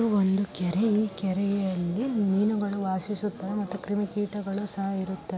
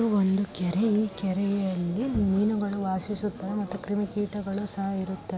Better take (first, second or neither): first